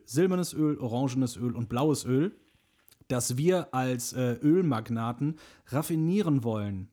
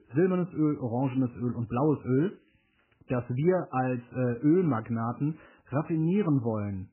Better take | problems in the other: first | garbled, watery; badly; nothing above 2.5 kHz

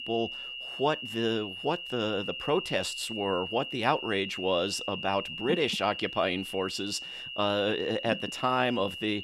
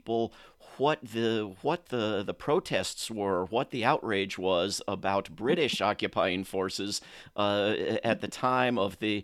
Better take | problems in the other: second | high-pitched whine; loud; throughout; 3 kHz, 7 dB below the speech

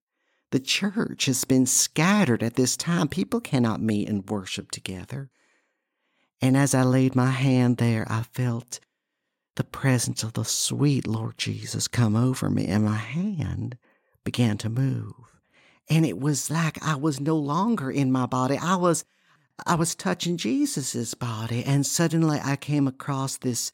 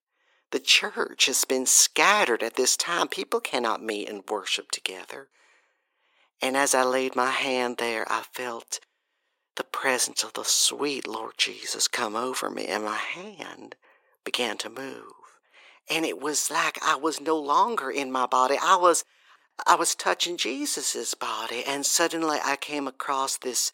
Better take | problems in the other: first | thin; very; fading below 400 Hz

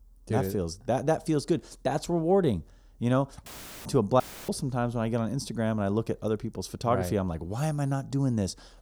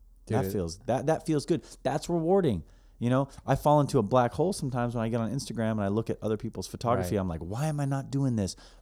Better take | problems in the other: second | audio cutting out; filled with static; at 3.5 s and at 4 s

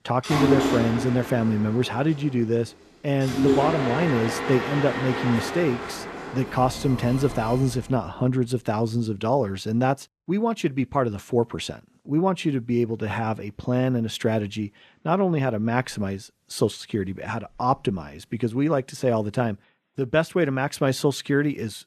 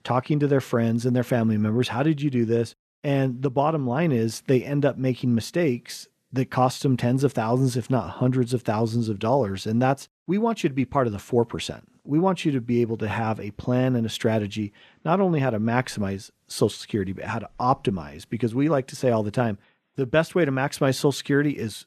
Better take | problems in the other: second | machinery noise; loud; until 7.5 s; 3 dB below the speech

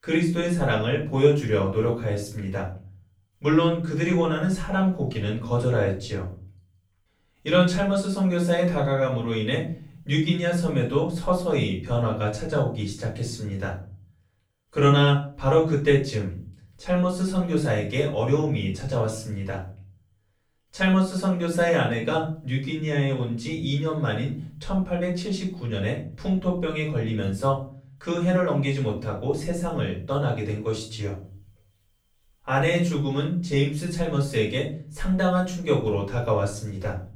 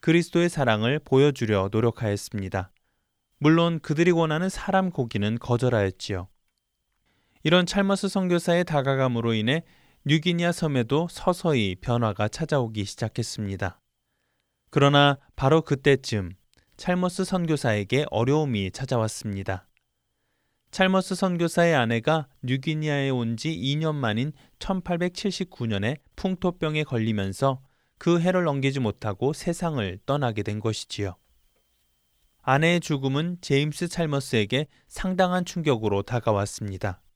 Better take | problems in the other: second | off-mic speech; far // room echo; noticeable; dies away in 0.4 s

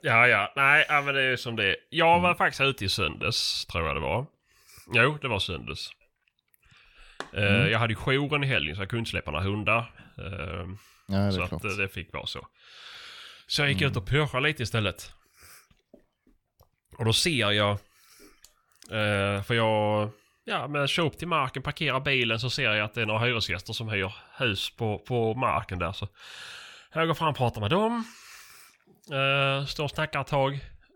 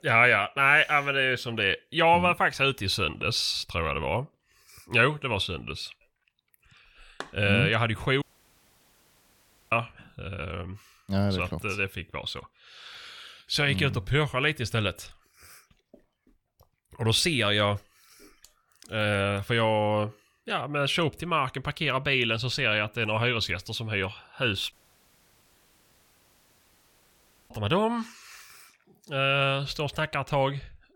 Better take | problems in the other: first | audio cutting out; at 8 s for 1.5 s and at 25 s for 3 s

